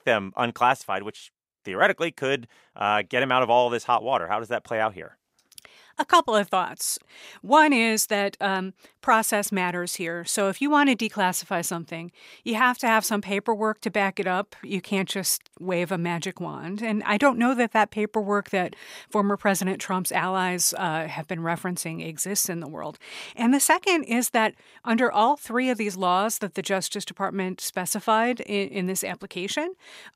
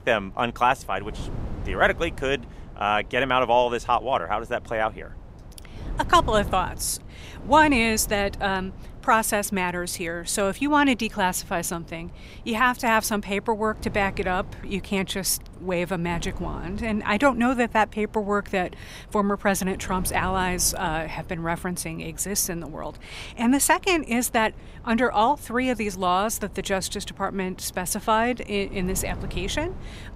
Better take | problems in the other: first | wind noise on the microphone; occasional gusts; 25 dB below the speech

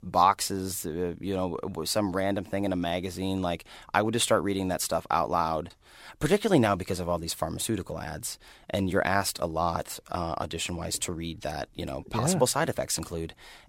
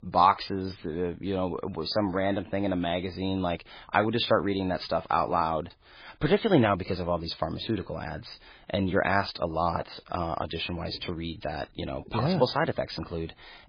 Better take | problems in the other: first | garbled, watery; badly; nothing above 5 kHz

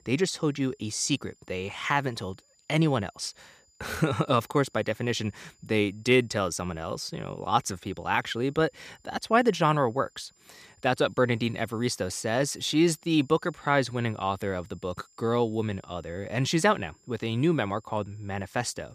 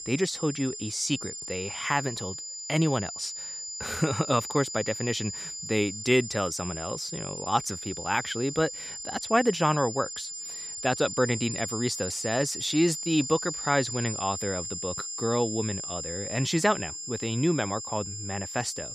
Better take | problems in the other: first | high-pitched whine; loud; throughout; 7 kHz, 6 dB below the speech; faint in the first

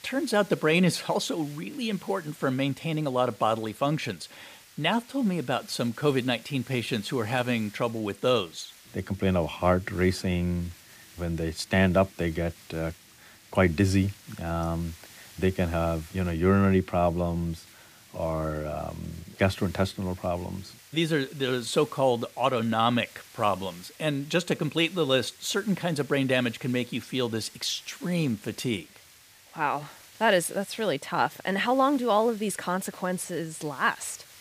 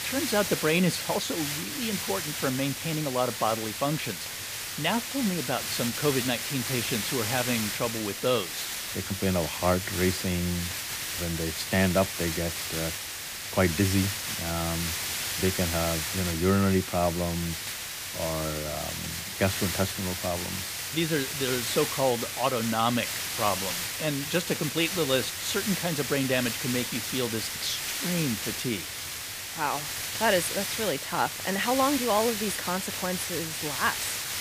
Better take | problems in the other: first | hiss; loud; throughout; 2 dB below the speech; faint in the first

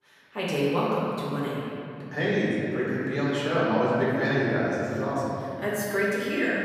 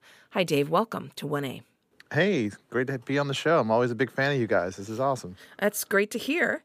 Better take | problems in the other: second | room echo; strong; dies away in 3 s // off-mic speech; far

